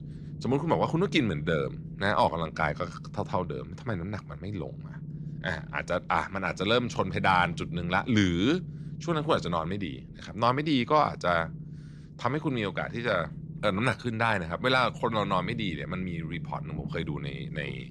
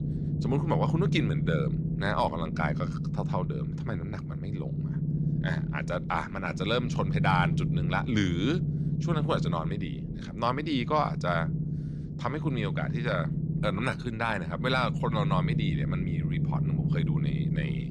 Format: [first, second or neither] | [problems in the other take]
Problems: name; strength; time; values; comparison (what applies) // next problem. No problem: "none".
first | low rumble; loud; throughout; 9 dB below the speech; faint in the first